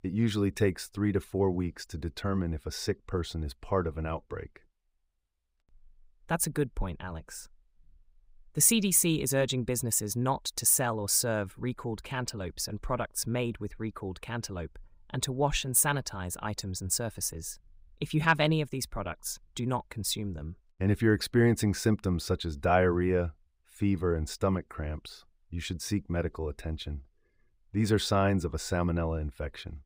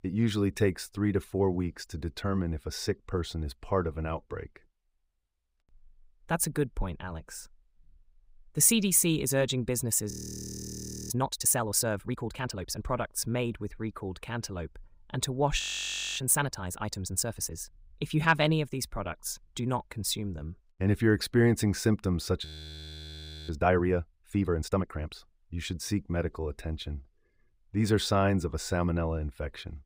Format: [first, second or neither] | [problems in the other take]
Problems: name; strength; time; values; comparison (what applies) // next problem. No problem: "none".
first | audio freezing; at 10 s for 1 s, at 16 s for 0.5 s and at 22 s for 1 s